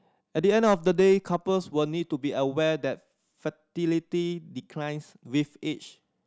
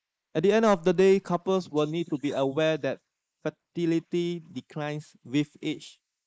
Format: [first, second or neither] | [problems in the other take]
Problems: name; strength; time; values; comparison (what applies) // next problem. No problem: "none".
first | noise reduction (neural mask model Resemble Enhance denoiser)